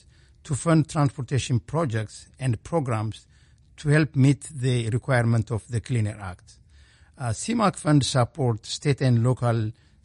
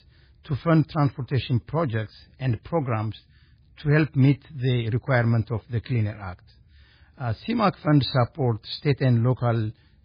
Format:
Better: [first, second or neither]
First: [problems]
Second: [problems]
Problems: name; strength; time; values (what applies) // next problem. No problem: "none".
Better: first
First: garbled, watery; slightly; nothing above 10 kHz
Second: garbled, watery; badly; nothing above 4.5 kHz